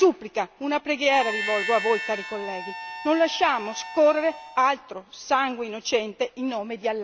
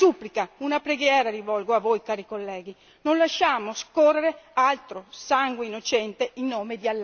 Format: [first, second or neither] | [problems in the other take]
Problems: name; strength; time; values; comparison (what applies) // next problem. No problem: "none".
second | background sound (Harmonica); 9 dB below the speech